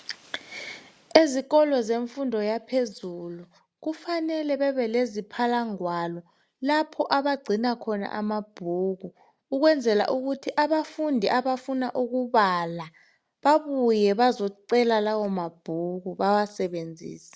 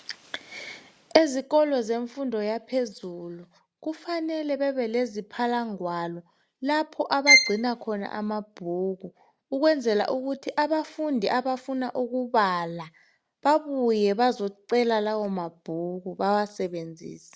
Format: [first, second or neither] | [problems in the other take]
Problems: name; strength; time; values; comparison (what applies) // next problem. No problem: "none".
first | background sound (Bowed string instrument); 4 dB above the speech